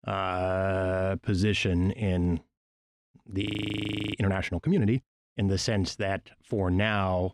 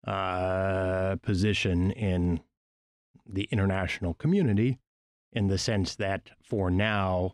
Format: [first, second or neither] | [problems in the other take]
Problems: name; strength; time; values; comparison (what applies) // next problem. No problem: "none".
second | audio freezing; at 3.5 s for 0.5 s